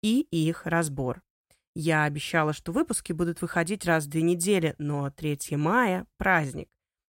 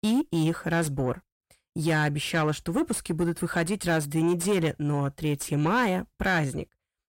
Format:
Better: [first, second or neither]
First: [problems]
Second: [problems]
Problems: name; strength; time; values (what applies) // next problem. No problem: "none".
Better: first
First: none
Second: distortion; slight; 10 dB below the speech